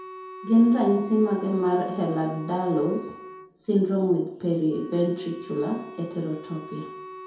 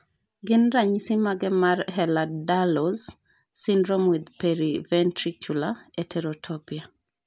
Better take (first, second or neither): second